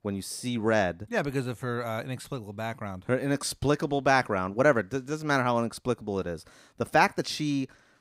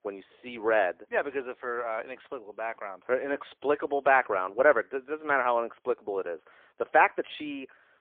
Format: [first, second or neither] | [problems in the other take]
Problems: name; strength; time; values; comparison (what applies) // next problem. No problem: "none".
first | phone-call audio; poor line